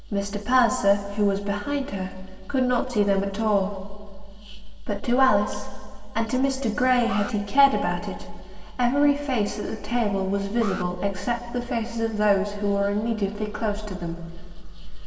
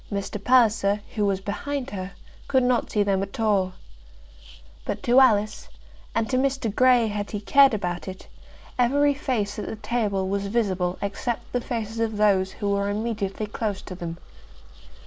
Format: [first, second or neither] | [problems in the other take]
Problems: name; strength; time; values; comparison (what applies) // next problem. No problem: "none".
second | background sound (Alarm); 18 dB below the speech // room echo; dies away in 2.2 s